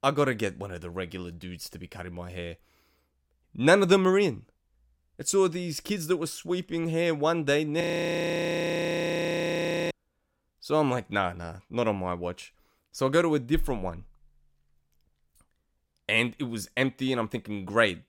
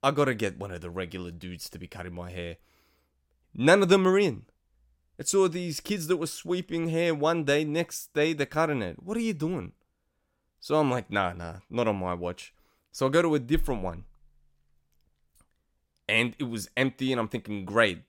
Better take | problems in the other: second | audio freezing; at 8 s for 2 s

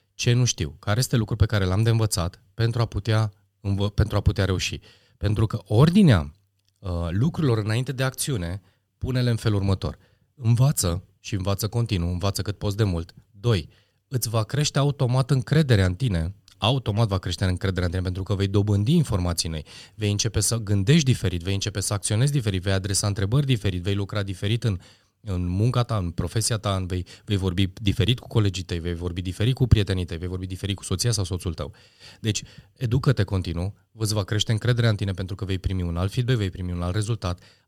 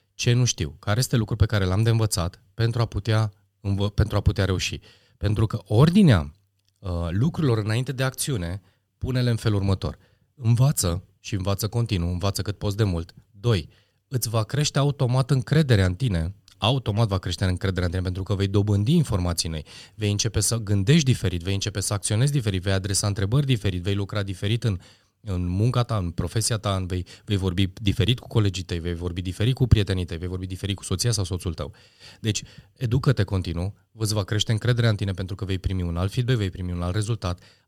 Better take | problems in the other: neither | none

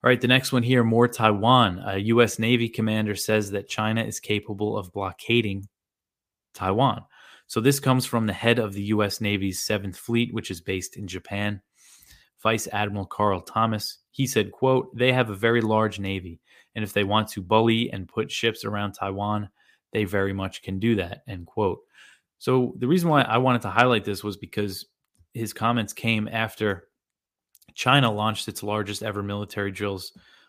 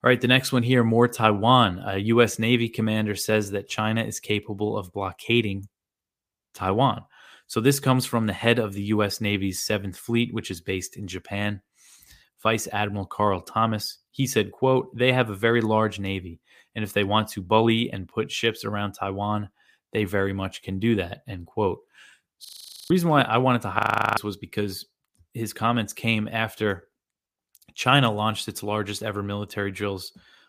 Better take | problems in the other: first | audio freezing; at 22 s and at 24 s

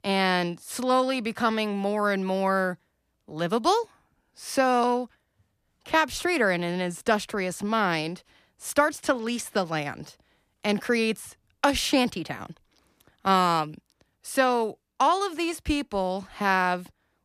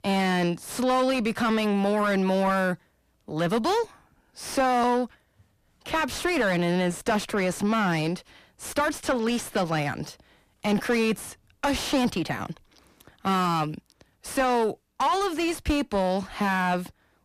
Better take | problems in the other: first | distortion; heavy; 5 dB below the speech

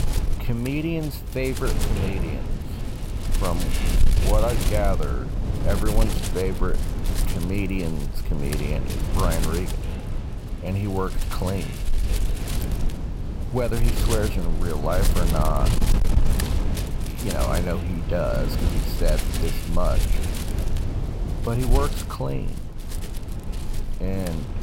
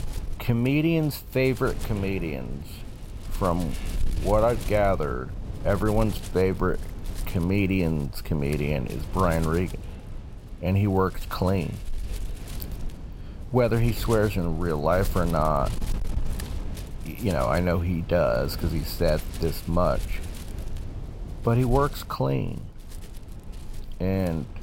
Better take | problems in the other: second | wind noise on the microphone; heavy; 5 dB below the speech; occasional gusts in the second

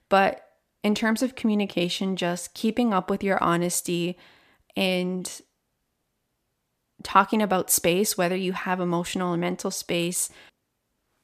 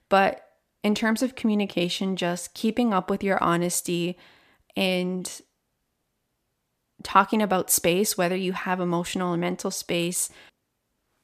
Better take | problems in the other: neither | none

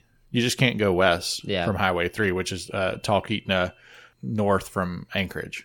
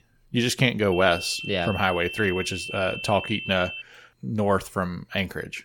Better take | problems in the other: first | high-pitched whine; loud; from 1 to 4 s; 2.5 kHz, 8 dB below the speech; faint in the first

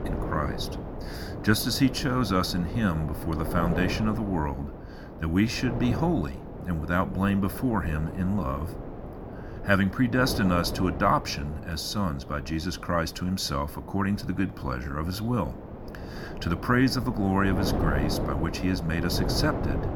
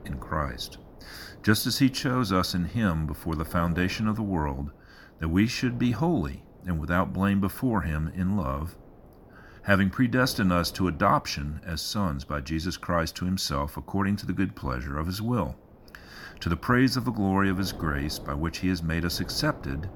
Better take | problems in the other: second | wind noise on the microphone; heavy; 9 dB below the speech; occasional gusts in the second

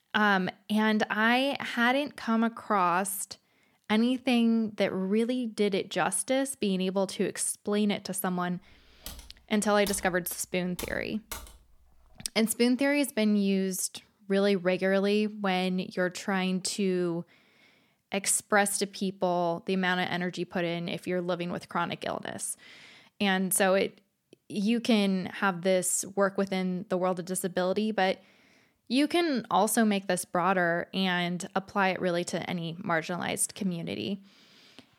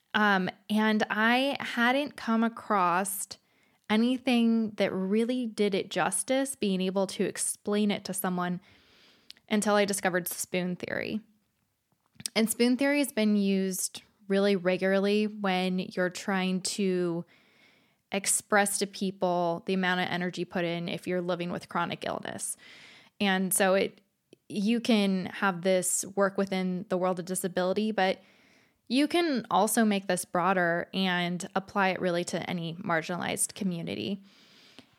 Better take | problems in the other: second | keyboard typing; faint; from 9 to 12 s; peak 15 dB below the speech

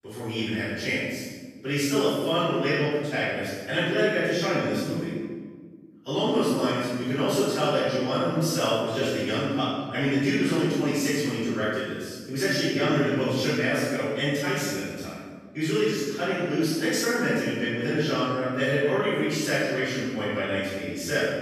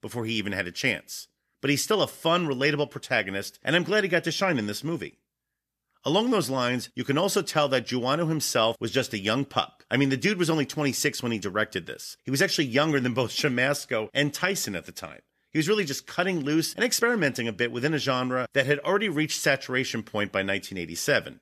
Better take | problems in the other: second | off-mic speech; far // room echo; strong; dies away in 1.3 s

